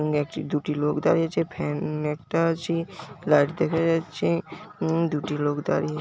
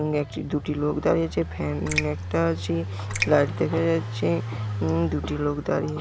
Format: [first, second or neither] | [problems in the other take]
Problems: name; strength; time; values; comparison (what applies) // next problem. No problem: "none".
first | background sound (Raindrop + Engine); 6 dB below the speech